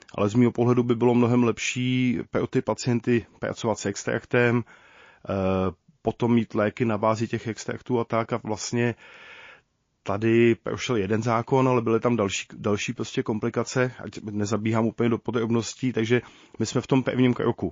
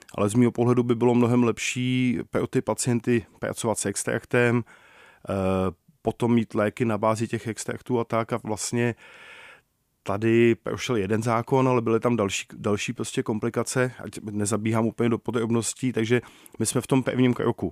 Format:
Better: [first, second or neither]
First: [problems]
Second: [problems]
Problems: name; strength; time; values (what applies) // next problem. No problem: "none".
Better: second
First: garbled, watery; slightly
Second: none